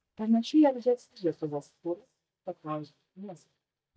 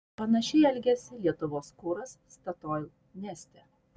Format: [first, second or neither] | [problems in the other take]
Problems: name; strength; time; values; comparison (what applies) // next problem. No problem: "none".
second | noise reduction (neural mask model DeepFilterNet 3)